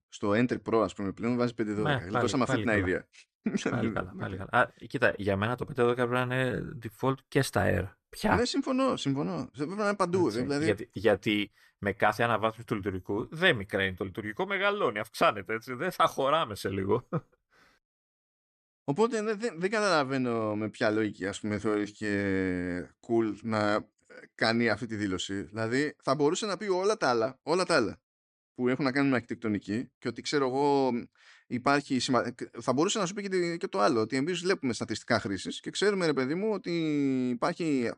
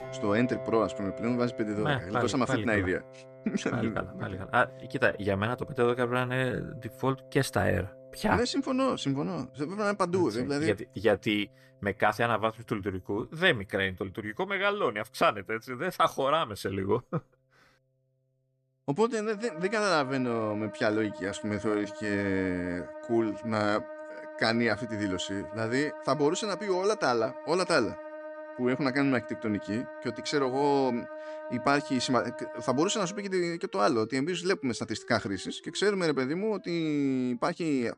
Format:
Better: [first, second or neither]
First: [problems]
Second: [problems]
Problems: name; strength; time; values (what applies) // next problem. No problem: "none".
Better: first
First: none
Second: background music; noticeable; throughout; 15 dB below the speech